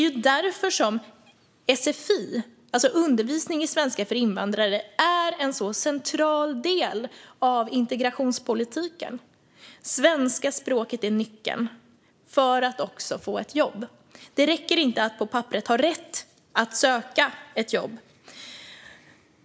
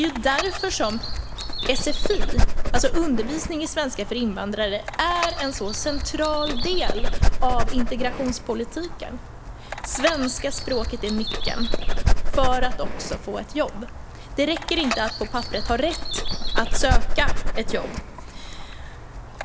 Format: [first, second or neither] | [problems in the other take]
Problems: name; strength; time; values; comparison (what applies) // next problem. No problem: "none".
first | background sound (Dog); 4 dB above the speech